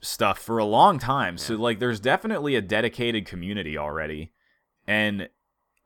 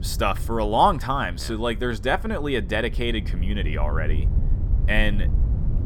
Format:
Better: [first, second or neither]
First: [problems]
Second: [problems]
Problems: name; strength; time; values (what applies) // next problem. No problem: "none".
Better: first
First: none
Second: low rumble; noticeable; throughout; 20 dB below the speech